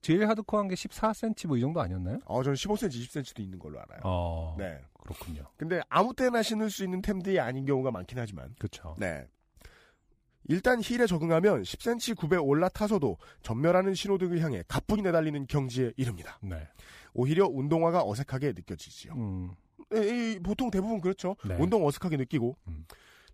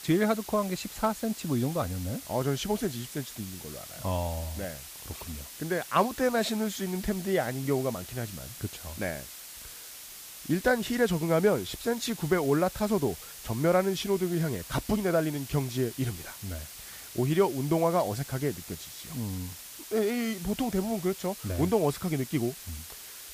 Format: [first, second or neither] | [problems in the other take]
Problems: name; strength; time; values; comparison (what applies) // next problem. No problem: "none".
first | hiss; noticeable; throughout; 10 dB below the speech